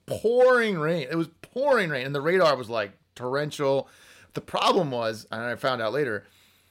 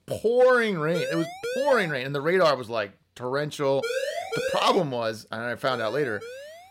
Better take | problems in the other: first | siren; noticeable; at 1 s and at 4 s; peak 4 dB below the speech // siren; faint; from 5.5 s on; peak 15 dB below the speech

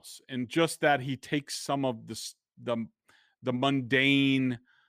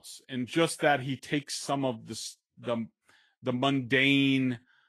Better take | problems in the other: first | garbled, watery; slightly

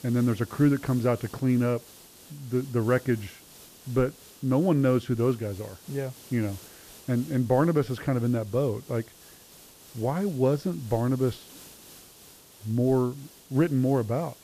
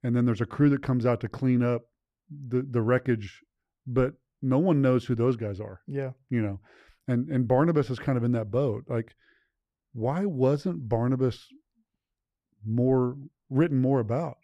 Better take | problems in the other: second | hiss; faint; throughout; 20 dB below the speech

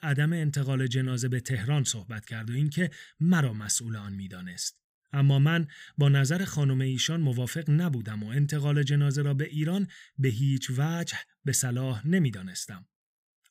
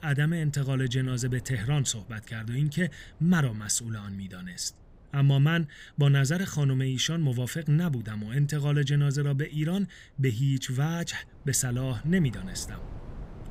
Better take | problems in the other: first | wind noise on the microphone; occasional gusts; 25 dB below the speech

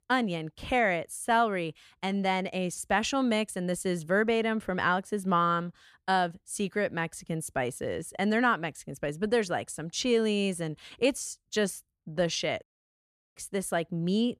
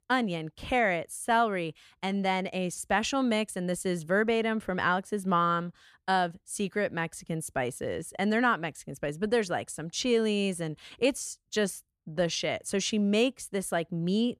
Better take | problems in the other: second | audio cutting out; at 13 s for 0.5 s

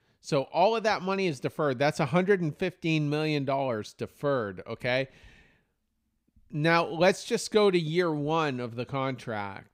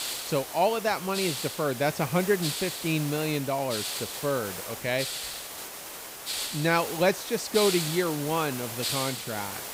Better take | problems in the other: first | hiss; loud; throughout; 5 dB below the speech

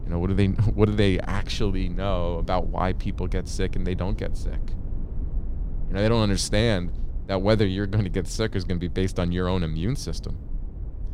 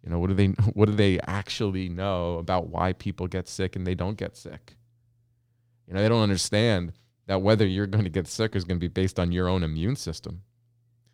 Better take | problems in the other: second | low rumble; faint; throughout; 20 dB below the speech

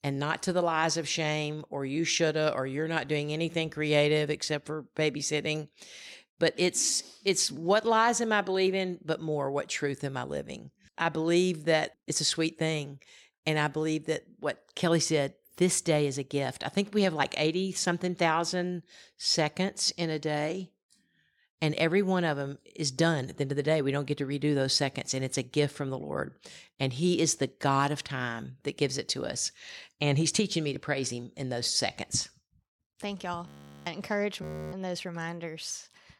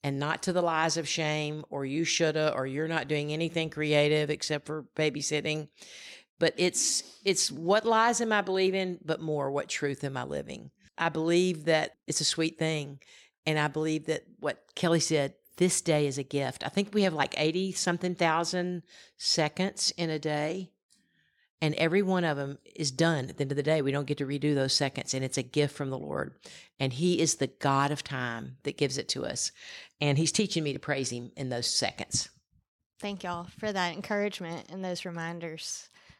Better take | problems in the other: second | audio freezing; at 33 s and at 34 s

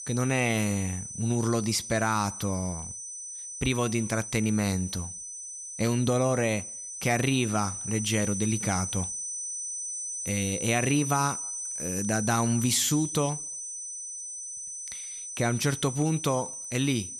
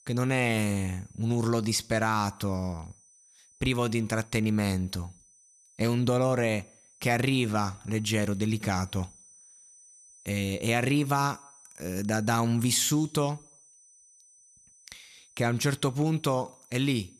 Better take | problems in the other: second | high-pitched whine; loud; throughout; 6 kHz, 6 dB below the speech; faint in the second

